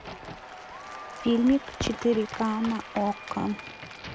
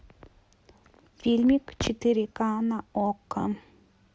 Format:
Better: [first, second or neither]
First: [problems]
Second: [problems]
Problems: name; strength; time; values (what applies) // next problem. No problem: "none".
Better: second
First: background sound (Applause / Crowd / Cheering + Crack); 12 dB below the speech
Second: none